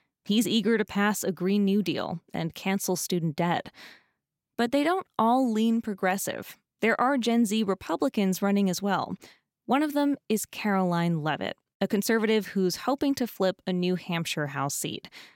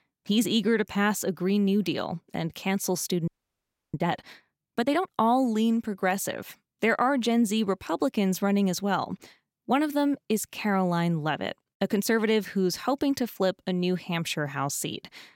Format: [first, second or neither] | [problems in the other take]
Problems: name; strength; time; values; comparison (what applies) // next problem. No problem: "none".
first | audio freezing; at 3.5 s for 0.5 s